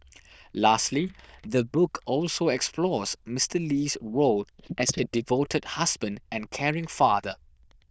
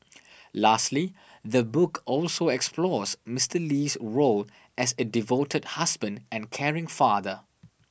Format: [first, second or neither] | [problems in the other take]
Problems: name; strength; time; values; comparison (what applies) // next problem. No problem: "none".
second | noise reduction (neural diffusion model UNIVERSE++)